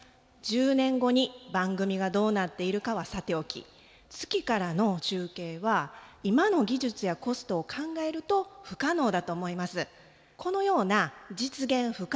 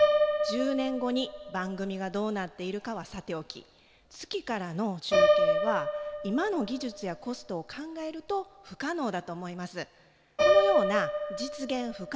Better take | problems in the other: first | background sound (Piano); 3 dB above the speech

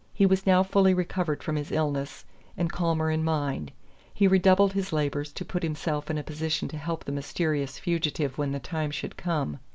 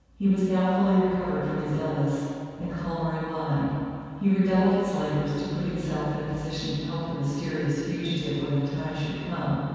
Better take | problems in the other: first | room echo; dies away in 2.1 s

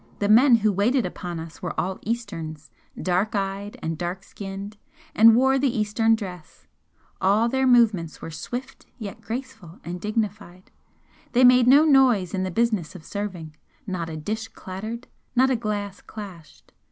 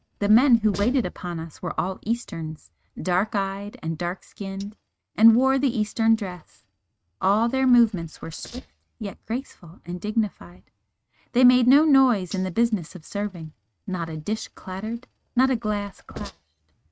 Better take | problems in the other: first | noise reduction (neural mask model RNNoise)

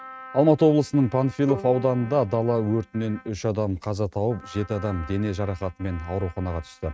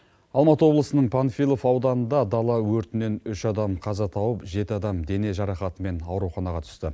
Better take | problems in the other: second | noise reduction (neural mask model RNNoise)

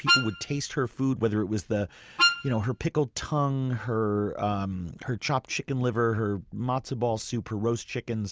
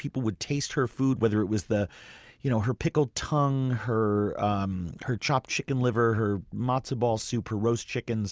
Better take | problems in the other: second | background sound (Wind instrument, woodwind instrument); 2 dB above the speech

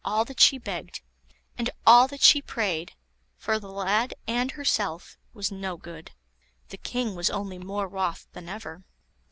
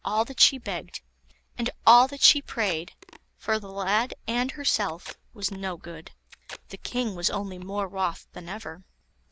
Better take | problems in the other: first | background sound (Packing tape, duct tape); 19 dB below the speech

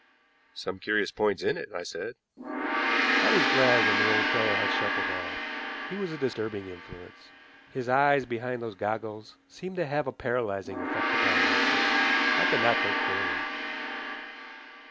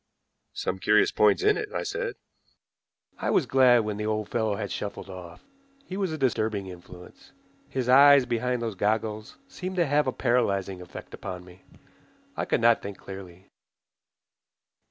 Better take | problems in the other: second | background sound (Gong); 2 dB above the speech

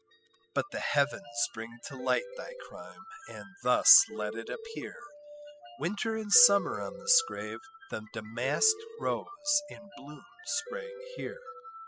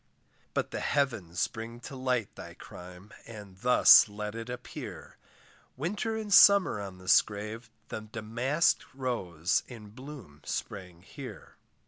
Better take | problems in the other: second | noise reduction (classical method spectral subtraction)

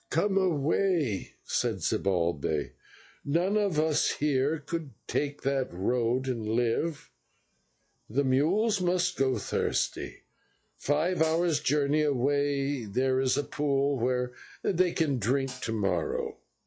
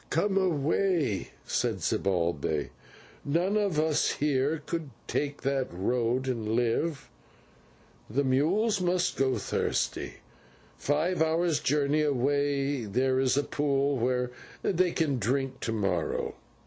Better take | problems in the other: second | noise reduction (classical method log-MMSE)

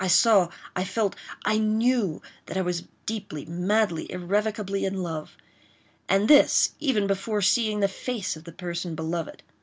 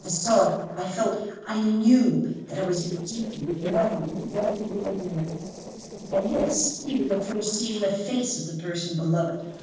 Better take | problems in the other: first | noise reduction (neural separator model SepFormer DNS4)

